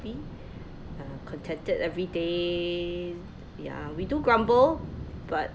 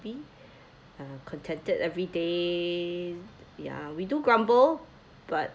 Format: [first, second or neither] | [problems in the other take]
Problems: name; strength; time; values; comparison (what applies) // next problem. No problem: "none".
second | background sound (Thunder); 12 dB below the speech